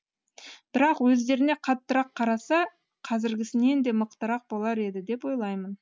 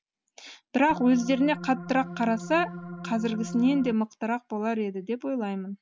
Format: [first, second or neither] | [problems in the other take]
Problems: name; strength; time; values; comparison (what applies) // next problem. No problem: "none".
first | background sound (Organ); 11 dB below the speech